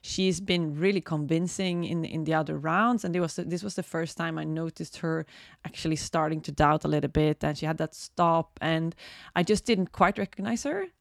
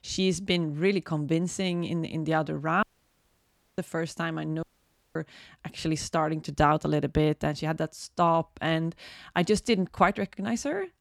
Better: first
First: none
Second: audio cutting out; at 3 s for 1 s and at 4.5 s for 0.5 s

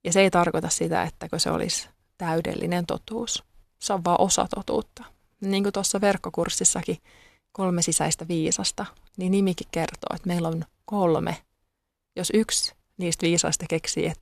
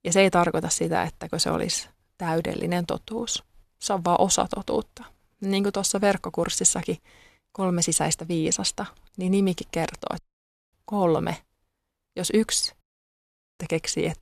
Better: first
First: none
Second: audio cutting out; at 10 s for 0.5 s and at 13 s for 1 s

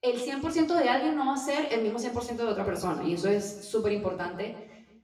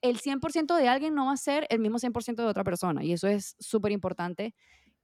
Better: second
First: room echo; slight; dies away in 0.9 s // off-mic speech; far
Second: none

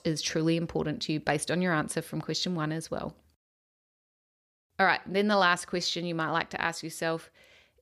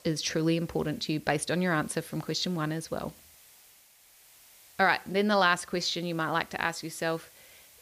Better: first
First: none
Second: hiss; faint; throughout; 25 dB below the speech

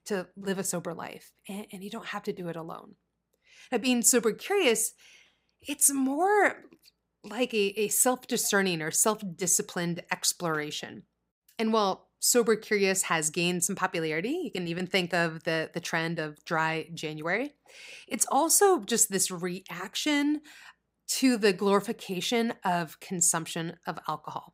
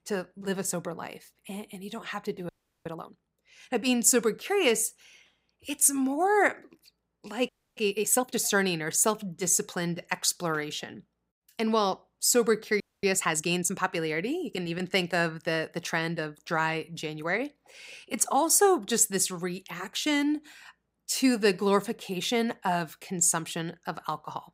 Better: first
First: none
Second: audio freezing; at 2.5 s, at 7.5 s and at 13 s

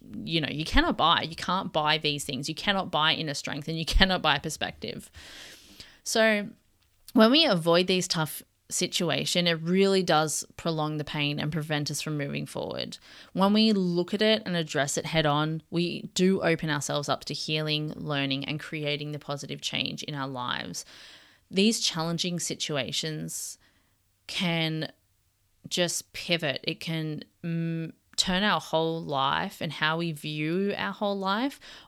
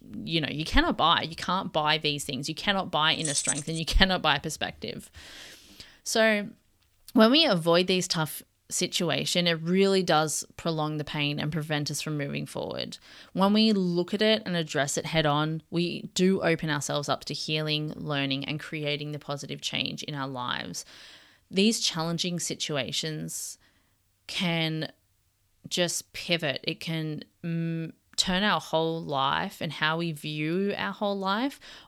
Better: first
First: none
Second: jangling keys; loud; at 3 s; peak level with the speech

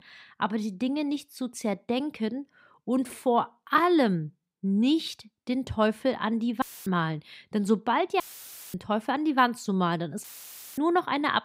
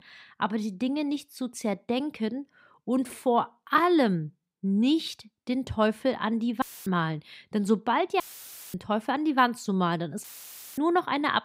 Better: neither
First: audio cutting out; filled with static; at 6.5 s, at 8 s for 0.5 s and at 10 s for 0.5 s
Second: audio cutting out; filled with static; at 6.5 s, at 8 s for 0.5 s and at 10 s for 0.5 s

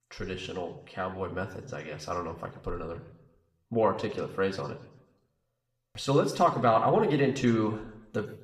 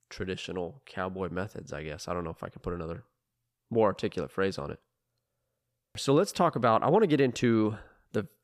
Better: second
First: room echo; slight; dies away in 0.6 s // off-mic speech; somewhat distant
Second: none

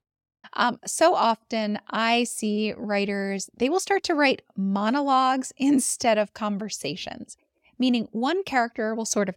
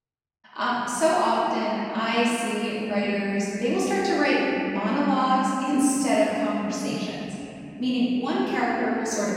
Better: first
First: none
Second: room echo; strong; dies away in 3 s // off-mic speech; far

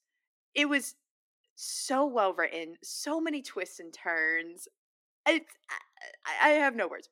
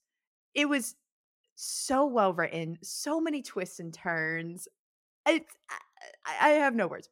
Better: second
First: thin; very slightly; fading below 250 Hz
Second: none

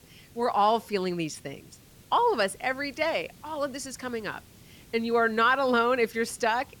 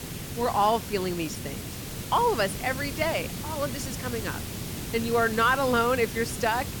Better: first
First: hiss; faint; throughout; 25 dB below the speech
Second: hiss; loud; throughout; 8 dB below the speech

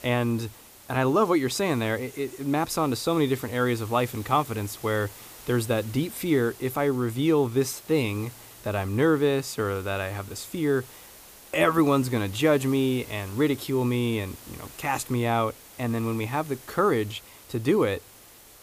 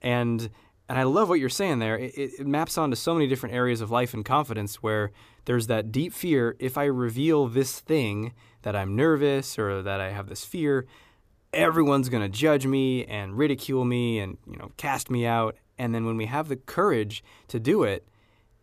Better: second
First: hiss; noticeable; throughout; 20 dB below the speech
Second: none

